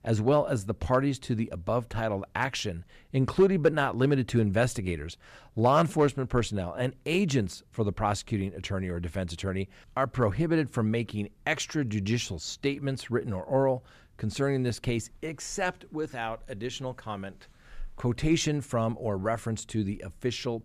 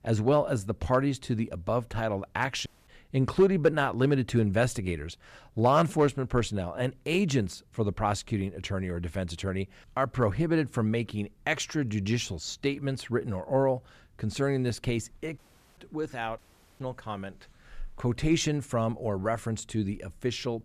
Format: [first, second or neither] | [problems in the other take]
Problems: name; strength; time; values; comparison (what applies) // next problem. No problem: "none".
first | audio cutting out; at 2.5 s, at 15 s and at 16 s